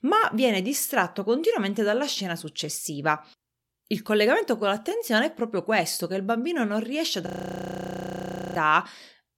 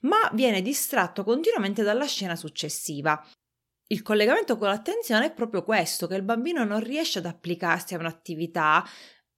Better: second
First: audio freezing; at 7.5 s for 1.5 s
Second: none

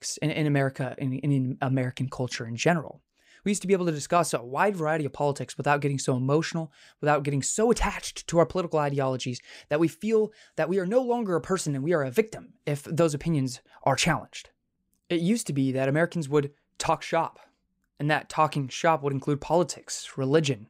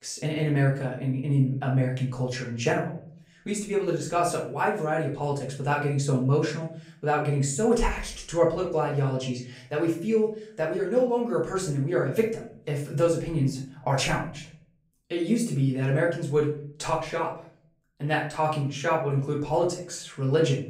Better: first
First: none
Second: room echo; slight; dies away in 0.5 s // off-mic speech; far

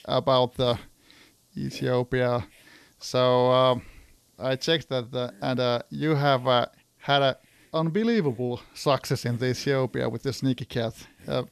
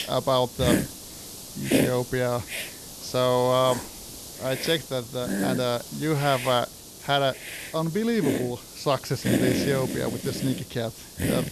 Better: first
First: hiss; faint; throughout; 30 dB below the speech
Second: hiss; loud; throughout; 4 dB below the speech

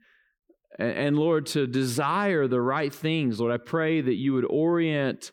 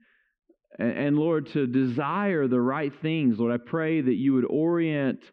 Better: first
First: none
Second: muffled; very; fading above 3 kHz

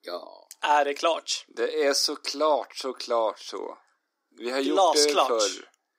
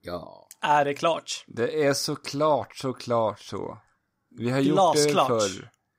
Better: second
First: thin; somewhat; fading below 300 Hz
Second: none

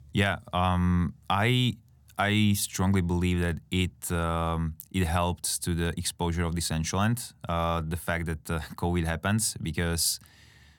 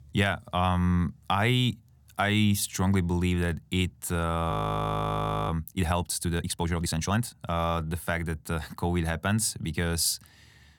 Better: first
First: none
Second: audio freezing; at 4.5 s for 1 s

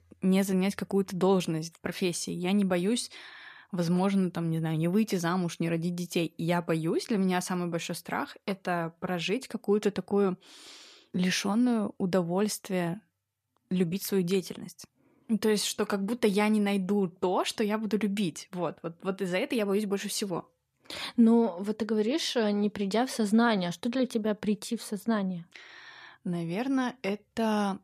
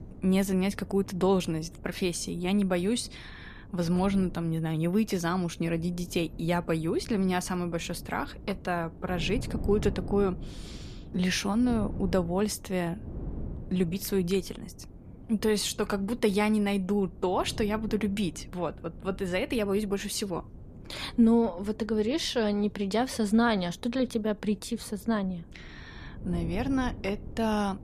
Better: first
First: none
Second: wind noise on the microphone; occasional gusts; 20 dB below the speech

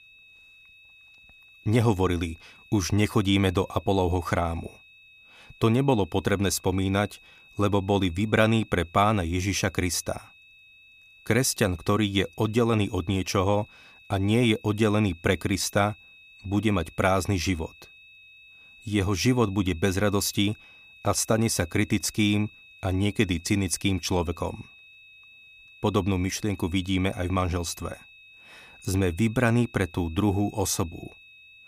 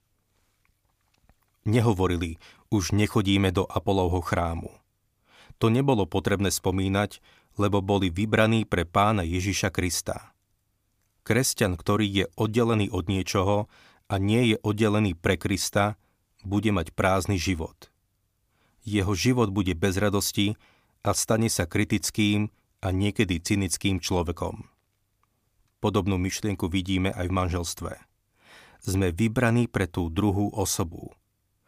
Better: second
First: high-pitched whine; faint; throughout; 2.5 kHz, 25 dB below the speech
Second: none

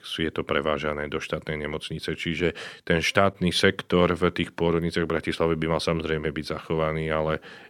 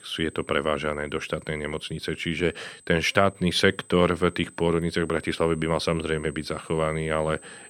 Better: first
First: none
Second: high-pitched whine; faint; throughout; 8 kHz, 25 dB below the speech

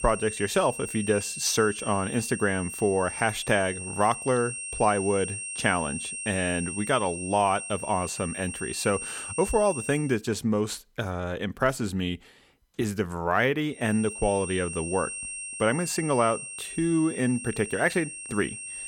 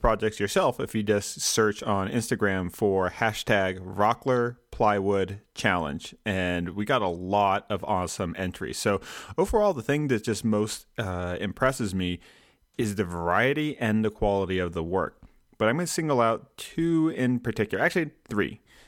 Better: second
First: high-pitched whine; loud; until 10 s and from 14 s on; 8.5 kHz, 7 dB below the speech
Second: none

